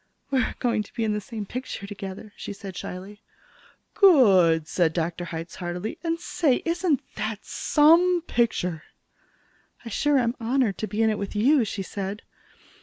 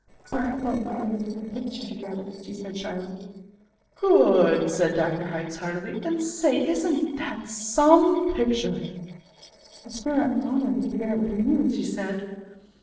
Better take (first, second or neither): first